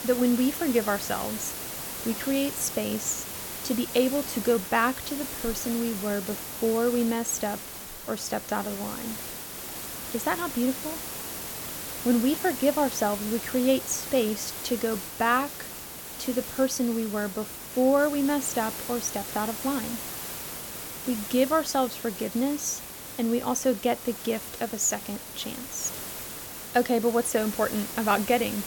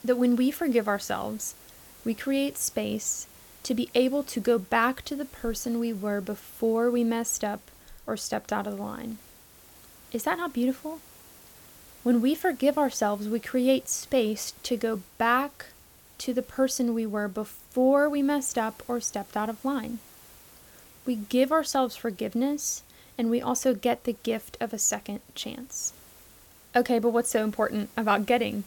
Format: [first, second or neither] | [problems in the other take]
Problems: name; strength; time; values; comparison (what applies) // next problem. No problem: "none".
second | hiss; loud; throughout; 7 dB below the speech; faint in the second